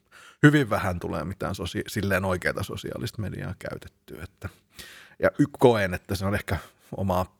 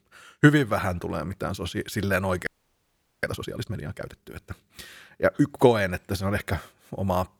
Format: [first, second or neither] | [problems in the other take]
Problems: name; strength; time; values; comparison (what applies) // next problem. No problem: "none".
first | audio freezing; at 2.5 s for 1 s